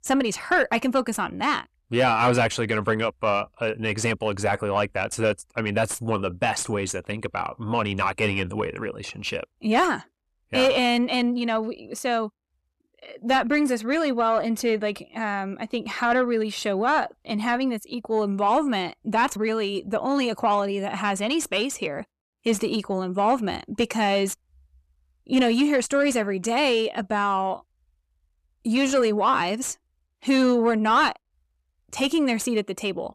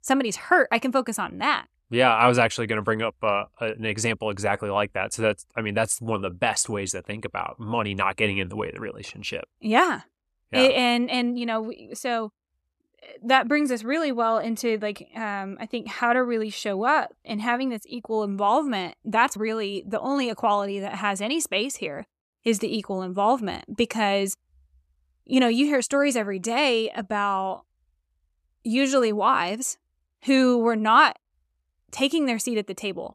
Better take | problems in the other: second | distortion; slight; 10 dB below the speech

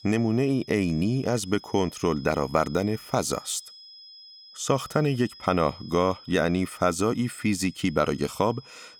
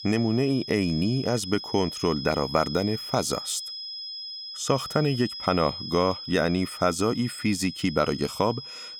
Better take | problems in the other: first | high-pitched whine; loud; throughout; 5 kHz, 9 dB below the speech; faint in the first

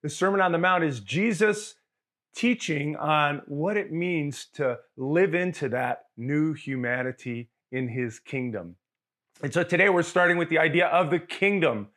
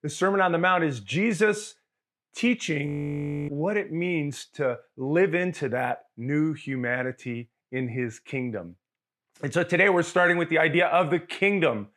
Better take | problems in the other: first | audio freezing; at 3 s for 0.5 s

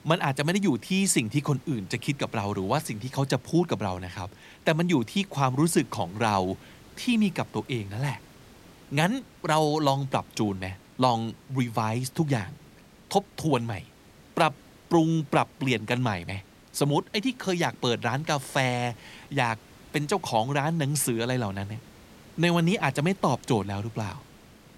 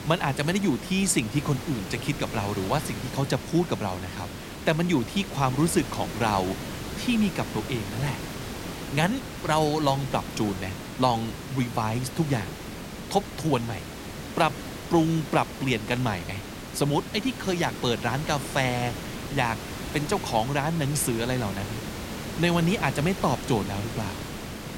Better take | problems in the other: first | hiss; loud; throughout; 9 dB below the speech; faint in the first

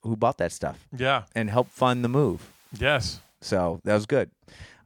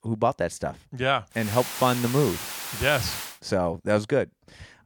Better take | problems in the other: first | hiss; loud; from 1.5 to 3.5 s; 7 dB below the speech; faint in the first

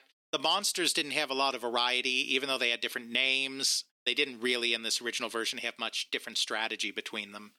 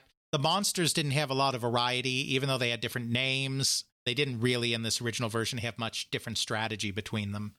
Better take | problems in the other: second | thin; somewhat; fading below 300 Hz

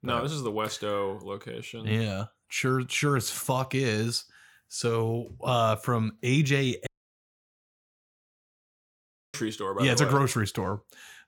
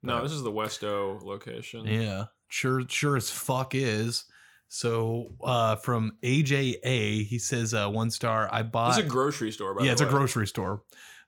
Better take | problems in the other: second | audio cutting out; at 7 s for 2.5 s

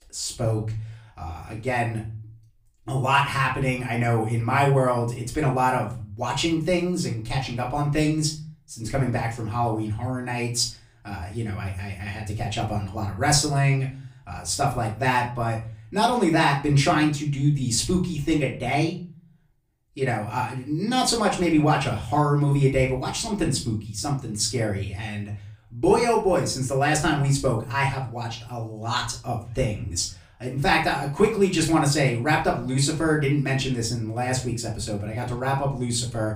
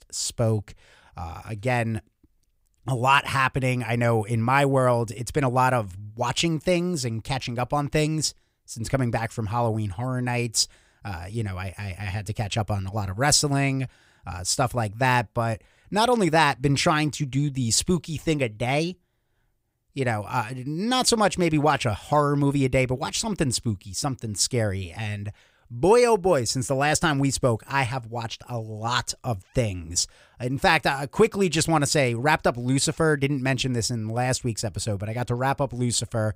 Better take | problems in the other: second | off-mic speech; far // room echo; slight; dies away in 0.3 s

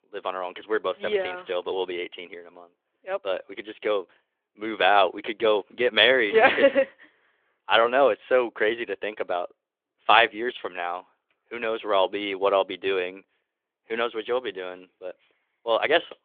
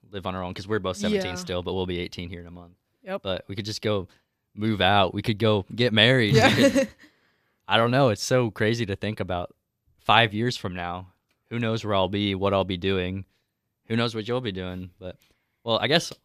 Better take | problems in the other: second | phone-call audio; nothing above 3.5 kHz

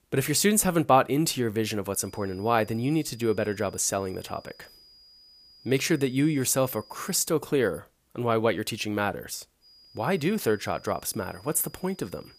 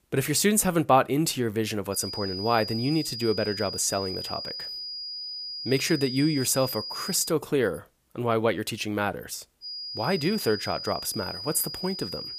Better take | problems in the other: first | high-pitched whine; loud; from 2 to 7.5 s and from 9.5 s on; 5 kHz, 7 dB below the speech; faint in the first

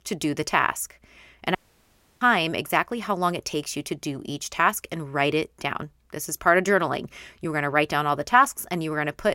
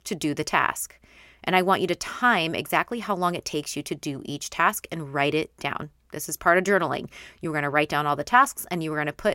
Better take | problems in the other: second | audio cutting out; at 1.5 s for 0.5 s

